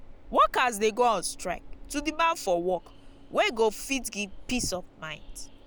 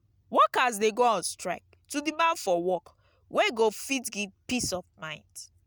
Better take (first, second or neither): second